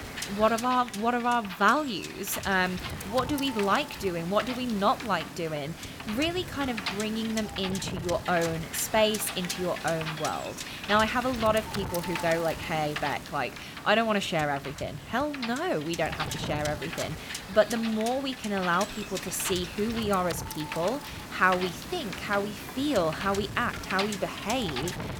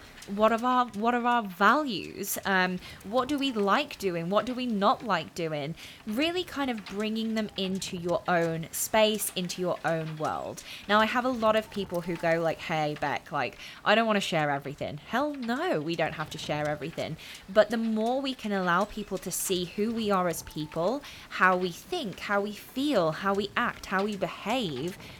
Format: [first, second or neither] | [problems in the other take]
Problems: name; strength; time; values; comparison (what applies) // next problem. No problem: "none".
second | wind noise on the microphone; heavy; 9 dB below the speech; occasional gusts in the second